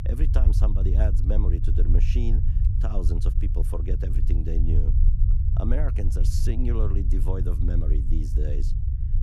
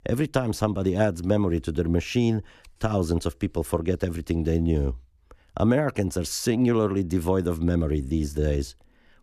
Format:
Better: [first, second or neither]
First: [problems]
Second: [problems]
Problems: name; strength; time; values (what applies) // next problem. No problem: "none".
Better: second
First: low rumble; loud; throughout; 4 dB below the speech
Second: none